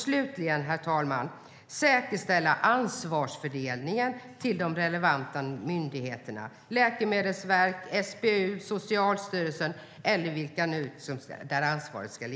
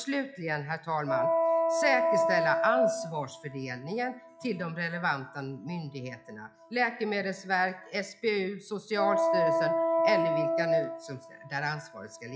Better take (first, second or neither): first